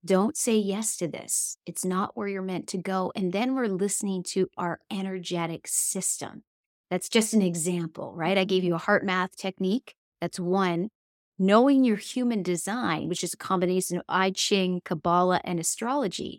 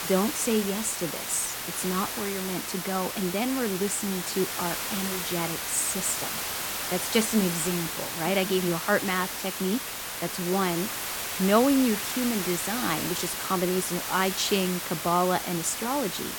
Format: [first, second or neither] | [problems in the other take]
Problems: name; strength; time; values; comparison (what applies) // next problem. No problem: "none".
first | hiss; loud; throughout; 3 dB below the speech